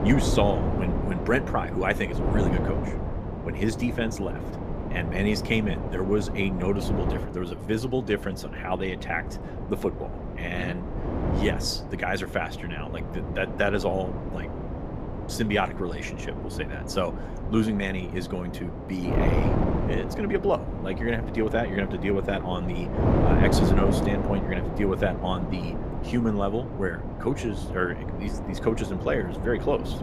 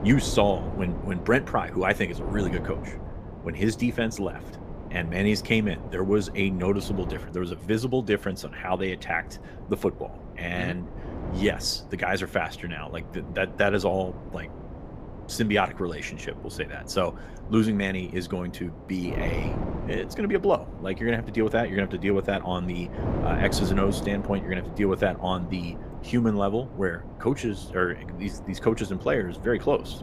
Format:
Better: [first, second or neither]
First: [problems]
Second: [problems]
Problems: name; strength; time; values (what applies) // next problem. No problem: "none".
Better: second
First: wind noise on the microphone; heavy; 5 dB below the speech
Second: wind noise on the microphone; occasional gusts; 15 dB below the speech